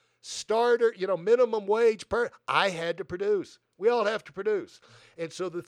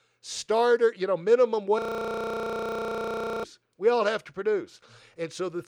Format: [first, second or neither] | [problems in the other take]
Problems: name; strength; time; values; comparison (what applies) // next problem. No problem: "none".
first | audio freezing; at 2 s for 1.5 s